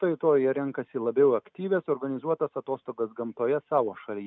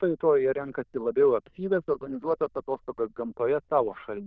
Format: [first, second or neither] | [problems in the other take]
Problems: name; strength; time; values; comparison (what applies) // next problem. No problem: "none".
first | noise reduction (neural diffusion model UNIVERSE++)